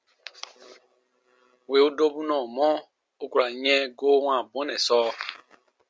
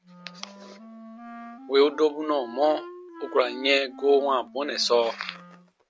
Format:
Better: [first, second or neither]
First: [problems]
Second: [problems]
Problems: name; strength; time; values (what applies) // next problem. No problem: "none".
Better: first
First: none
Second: background sound (Wind instrument, woodwind instrument); 17 dB below the speech